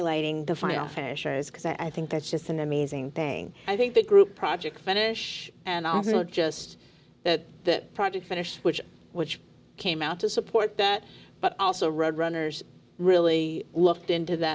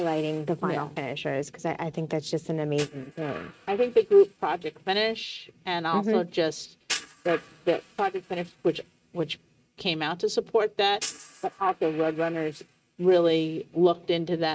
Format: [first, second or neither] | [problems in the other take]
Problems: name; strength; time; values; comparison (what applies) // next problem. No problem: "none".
first | noise reduction (neural mask model RNNoise)